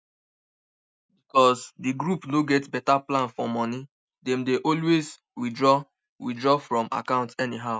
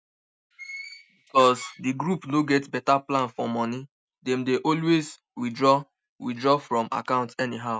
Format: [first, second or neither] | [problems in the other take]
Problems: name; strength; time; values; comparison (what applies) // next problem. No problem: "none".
first | background sound (Door); 15 dB below the speech